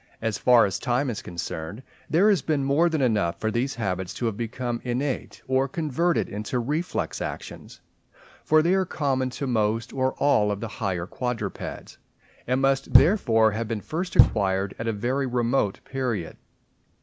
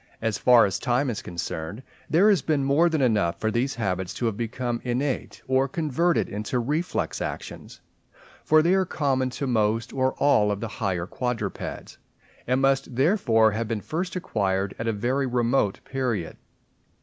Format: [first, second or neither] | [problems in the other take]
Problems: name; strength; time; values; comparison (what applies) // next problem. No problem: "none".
second | background sound (Knock); 2 dB above the speech